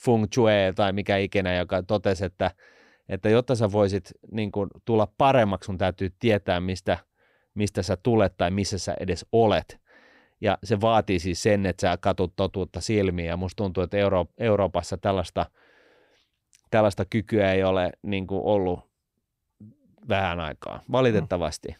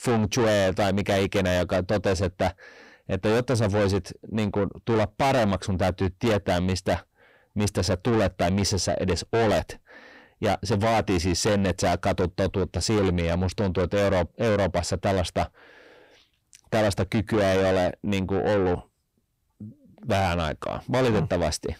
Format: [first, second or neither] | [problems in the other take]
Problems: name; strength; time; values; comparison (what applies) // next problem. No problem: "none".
first | distortion; heavy; 7 dB below the speech